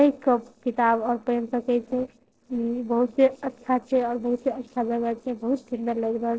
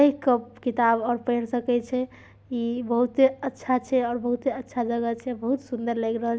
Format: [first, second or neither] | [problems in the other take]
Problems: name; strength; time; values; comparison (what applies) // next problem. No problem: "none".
second | noise reduction (neural separator model SepFormer DNS4)